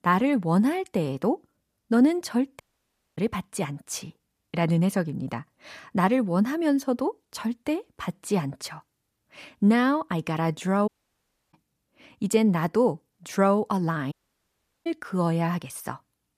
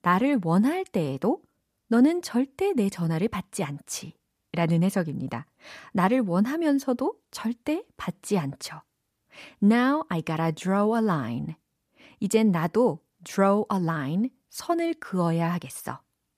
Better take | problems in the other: second | audio cutting out; at 2.5 s for 0.5 s, at 11 s for 0.5 s and at 14 s for 0.5 s

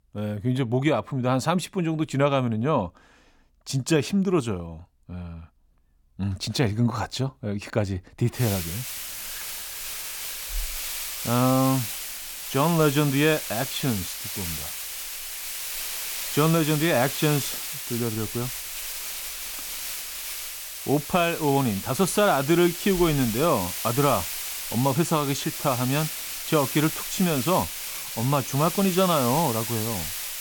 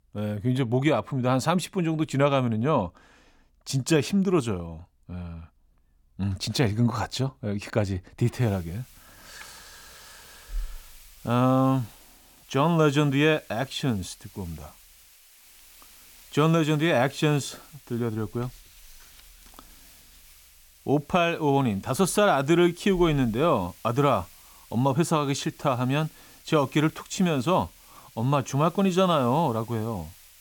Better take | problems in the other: second | hiss; loud; from 8.5 s on; 6 dB below the speech; faint in the second

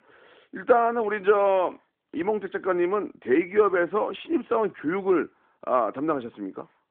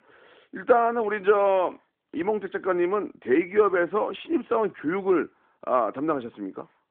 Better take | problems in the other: neither | phone-call audio; the same in both

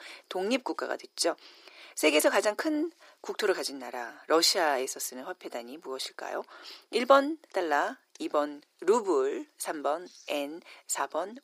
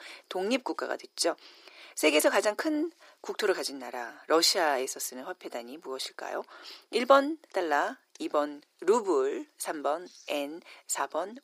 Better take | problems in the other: neither | thin; very; fading below 350 Hz; the same in both

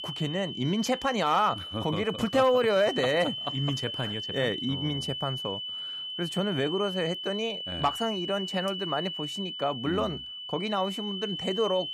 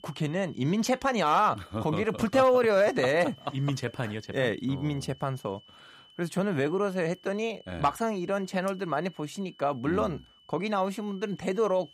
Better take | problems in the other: second | high-pitched whine; loud; throughout; 3 kHz, 5 dB below the speech; faint in the second

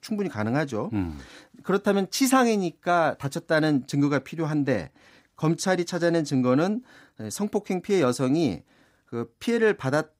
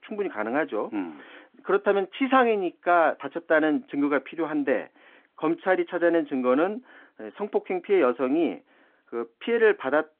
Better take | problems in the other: first | phone-call audio

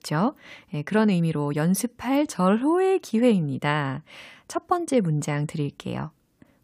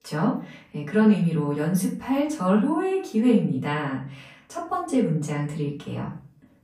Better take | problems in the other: first | room echo; slight; dies away in 0.4 s // off-mic speech; far

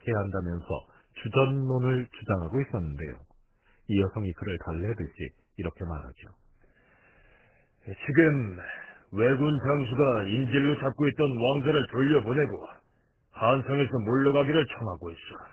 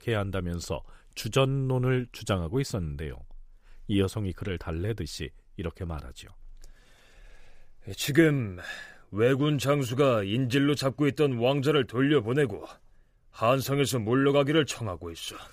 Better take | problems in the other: second | garbled, watery; badly; nothing above 3 kHz

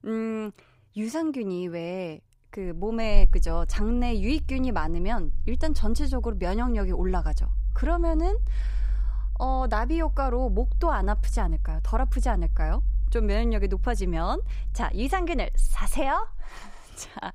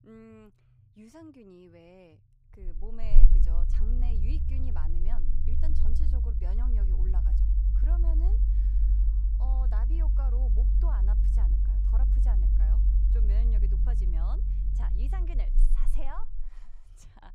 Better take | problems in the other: first | low rumble; loud; throughout; as loud as the speech; faint in the first

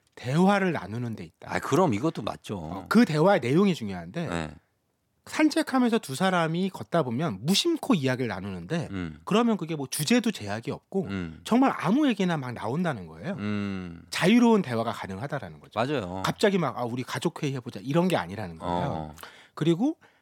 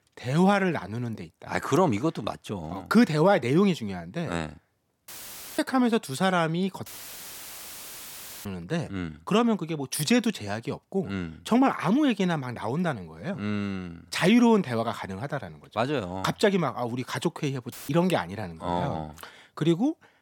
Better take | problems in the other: first | audio cutting out; filled with static; at 5 s for 0.5 s, at 7 s for 1.5 s and at 18 s

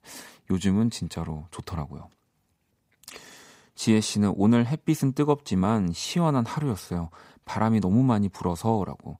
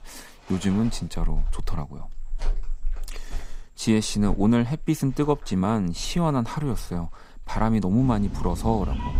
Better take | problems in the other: first | animal sounds; noticeable; throughout; 10 dB below the speech

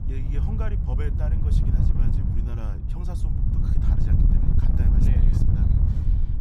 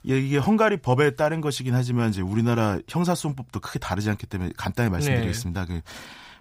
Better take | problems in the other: second | wind noise on the microphone; heavy; 5 dB above the speech

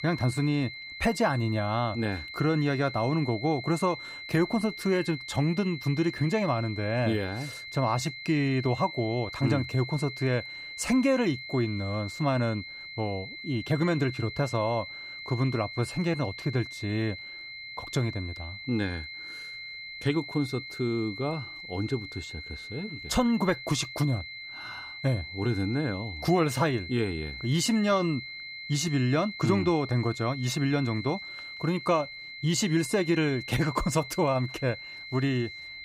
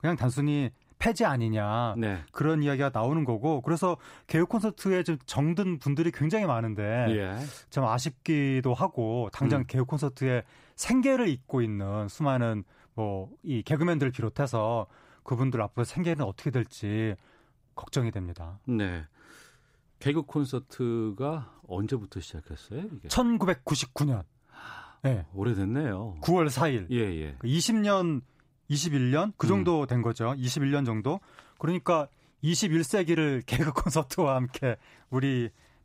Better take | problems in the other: second | high-pitched whine; loud; throughout; 2 kHz, 10 dB below the speech

